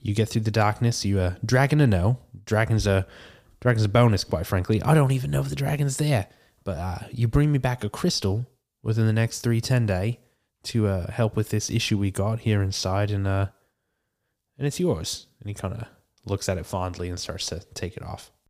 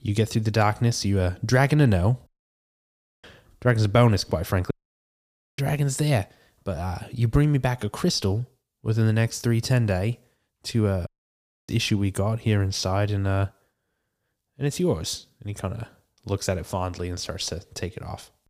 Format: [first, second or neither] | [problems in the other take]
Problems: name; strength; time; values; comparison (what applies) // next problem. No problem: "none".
first | audio cutting out; at 2.5 s for 1 s, at 4.5 s for 1 s and at 11 s for 0.5 s